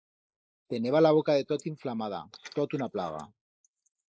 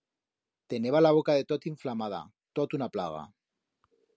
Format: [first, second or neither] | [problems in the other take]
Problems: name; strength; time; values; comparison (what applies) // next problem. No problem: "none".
second | noise reduction (neural mask model Resemble Enhance denoiser)